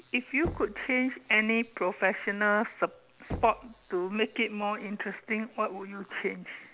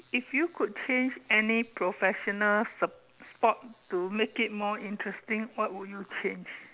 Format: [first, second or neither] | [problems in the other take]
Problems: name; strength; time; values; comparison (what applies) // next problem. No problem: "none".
second | background sound (Knock); 16 dB below the speech